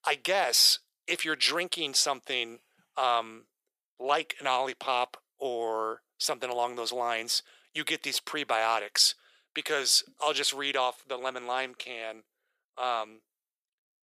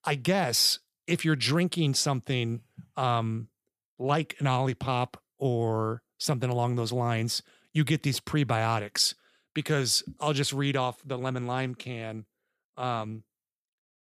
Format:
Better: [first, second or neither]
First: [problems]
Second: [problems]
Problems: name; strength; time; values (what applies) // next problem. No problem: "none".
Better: second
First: thin; very; fading below 450 Hz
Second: none